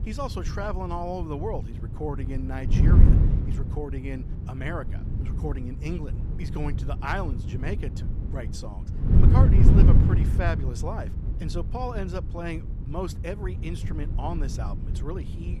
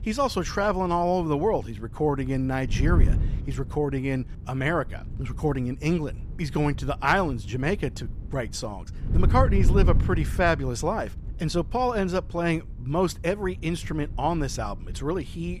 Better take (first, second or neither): second